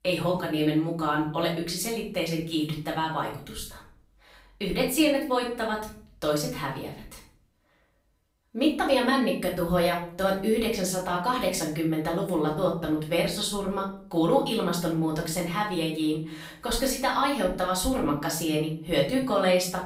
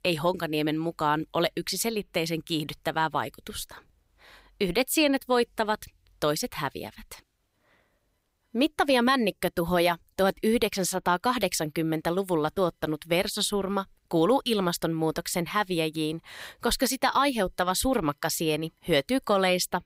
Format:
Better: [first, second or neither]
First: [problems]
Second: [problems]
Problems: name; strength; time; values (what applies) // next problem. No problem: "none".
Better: second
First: off-mic speech; far // room echo; noticeable; dies away in 0.5 s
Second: none